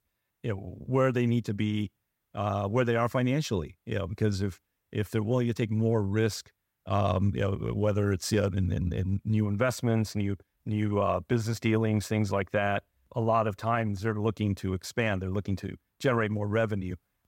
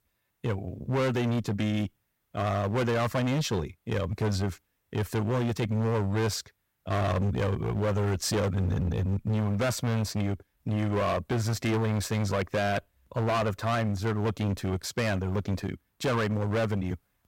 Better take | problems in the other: first | distortion; heavy; 21% of the sound clipped

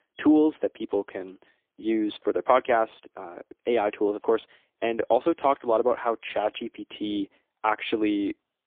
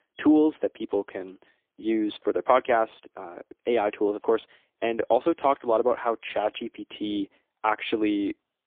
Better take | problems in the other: neither | phone-call audio; poor line; nothing above 3.5 kHz; the same in both

